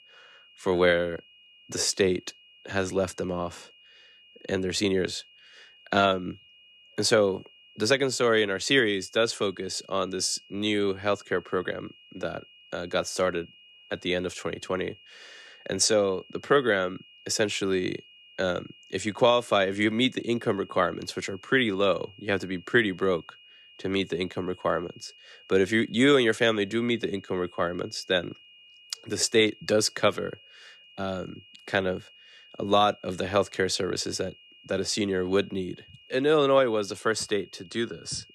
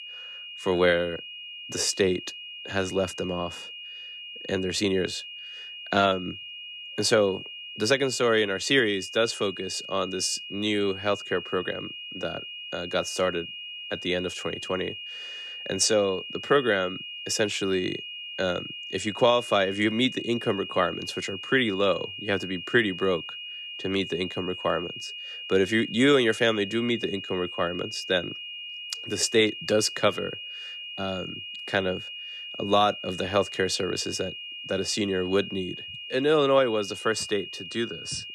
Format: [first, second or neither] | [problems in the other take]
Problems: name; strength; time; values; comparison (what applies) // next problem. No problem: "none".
first | high-pitched whine; loud; throughout; 3 kHz, 10 dB below the speech; faint in the first